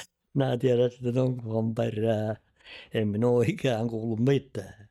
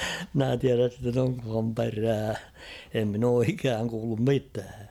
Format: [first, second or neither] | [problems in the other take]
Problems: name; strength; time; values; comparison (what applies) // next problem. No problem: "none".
second | noise reduction (neural mask model DeepFilterNet 3)